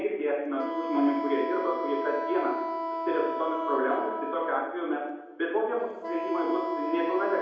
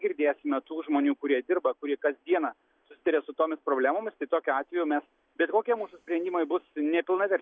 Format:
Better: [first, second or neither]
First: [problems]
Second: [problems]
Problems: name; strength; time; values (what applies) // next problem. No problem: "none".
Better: second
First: background sound (Wind instrument, woodwind instrument); 4 dB below the speech // room echo; dies away in 0.9 s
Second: none